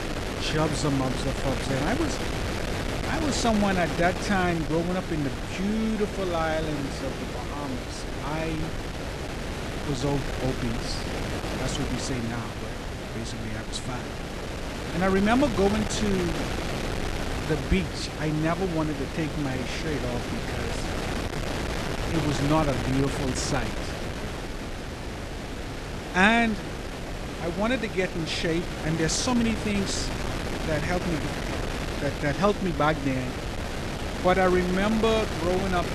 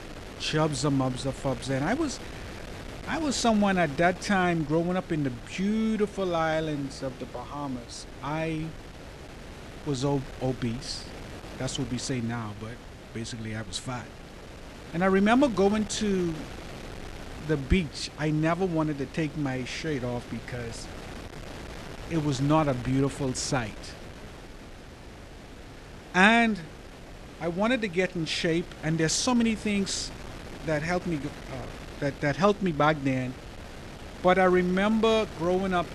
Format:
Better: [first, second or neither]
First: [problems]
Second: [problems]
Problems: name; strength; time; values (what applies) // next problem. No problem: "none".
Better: second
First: wind noise on the microphone; heavy; 5 dB below the speech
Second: wind noise on the microphone; occasional gusts; 15 dB below the speech